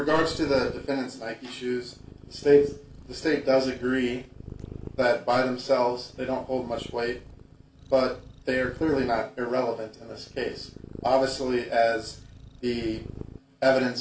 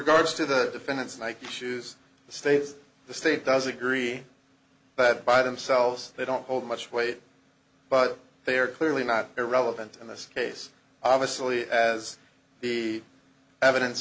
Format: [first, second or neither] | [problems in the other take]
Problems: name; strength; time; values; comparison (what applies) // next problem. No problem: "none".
second | background sound (Purr); 17 dB below the speech // room echo; dies away in 0.3 s